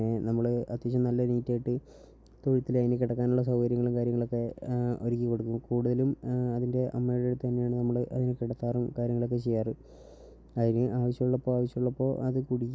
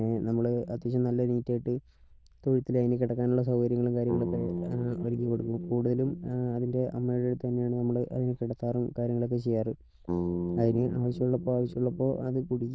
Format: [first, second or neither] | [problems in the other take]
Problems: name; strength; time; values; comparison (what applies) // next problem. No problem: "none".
first | noise reduction (neural diffusion model UNIVERSE++)